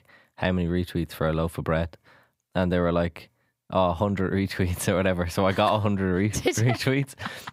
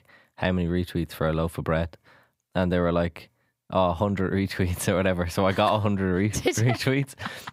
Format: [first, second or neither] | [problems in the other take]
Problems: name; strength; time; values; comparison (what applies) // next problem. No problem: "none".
neither | none